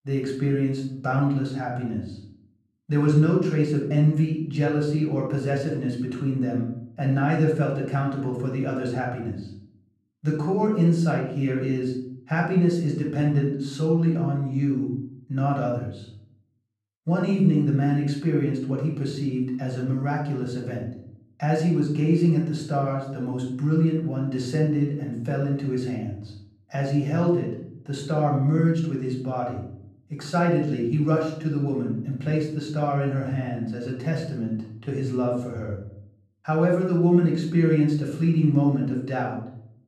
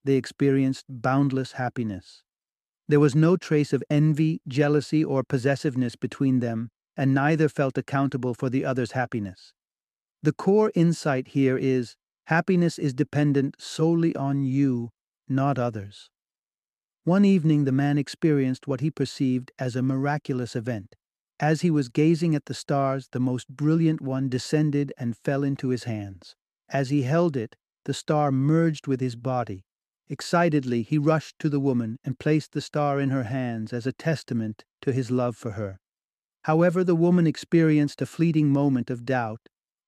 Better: second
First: off-mic speech; far // room echo; noticeable; dies away in 0.6 s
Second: none

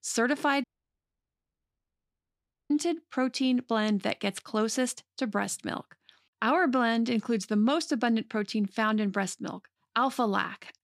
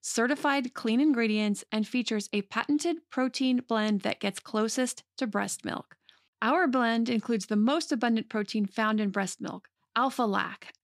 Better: second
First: audio cutting out; at 0.5 s for 2 s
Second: none

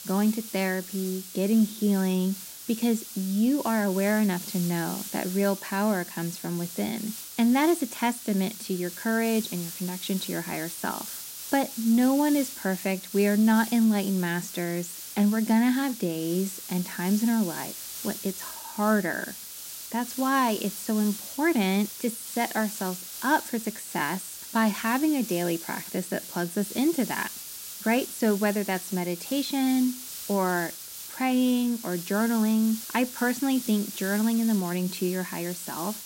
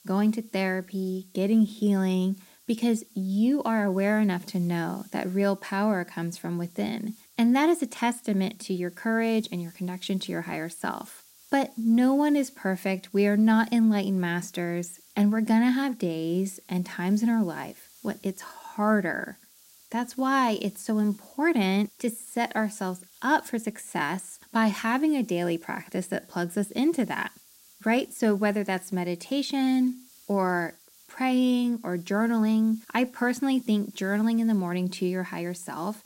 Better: second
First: hiss; loud; throughout; 9 dB below the speech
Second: hiss; faint; throughout; 25 dB below the speech

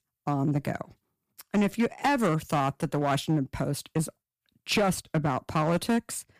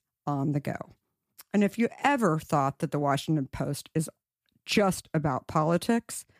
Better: second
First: distortion; slight; 6% of the sound clipped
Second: none

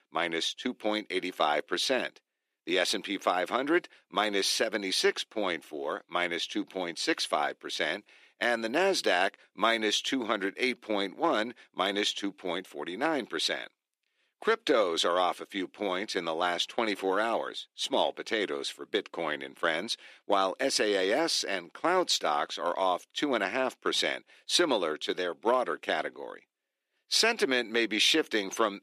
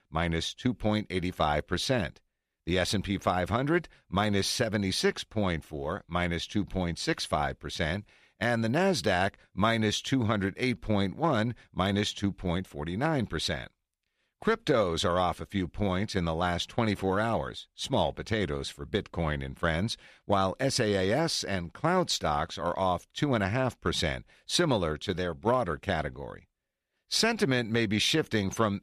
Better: second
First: thin; somewhat; fading below 300 Hz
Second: none

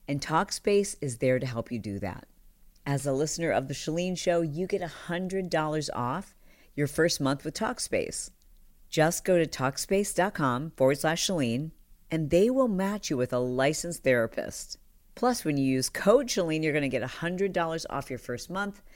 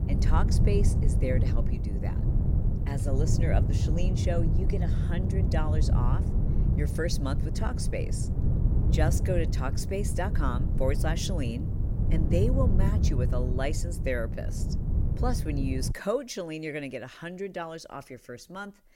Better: first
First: none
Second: wind noise on the microphone; heavy; until 16 s; 6 dB below the speech

